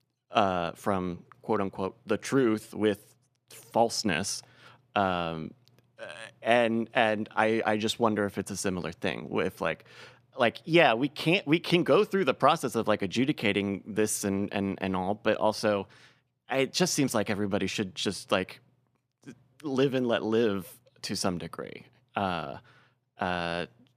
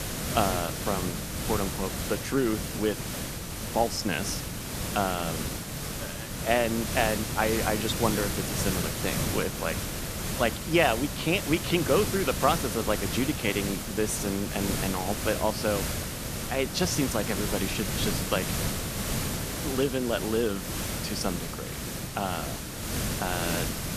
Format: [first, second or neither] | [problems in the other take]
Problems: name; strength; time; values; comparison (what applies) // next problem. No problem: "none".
first | hiss; loud; throughout; 2 dB below the speech